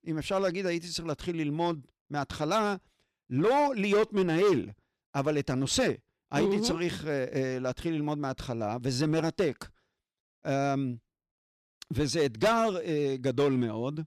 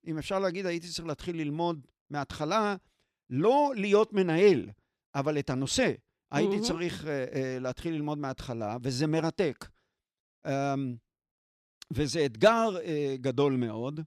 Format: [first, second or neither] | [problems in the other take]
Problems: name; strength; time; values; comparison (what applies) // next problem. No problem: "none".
second | distortion; slight; 4% of the sound clipped